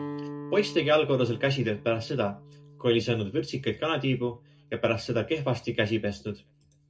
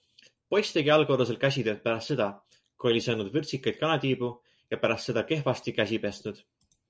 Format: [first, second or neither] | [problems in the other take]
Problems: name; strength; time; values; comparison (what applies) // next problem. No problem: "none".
second | background sound (Guitar); 16 dB below the speech // room echo; dies away in 0.2 s